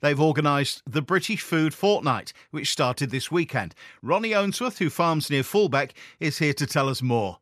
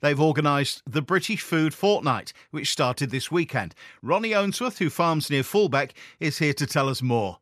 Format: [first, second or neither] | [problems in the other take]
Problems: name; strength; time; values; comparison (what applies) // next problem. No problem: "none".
neither | none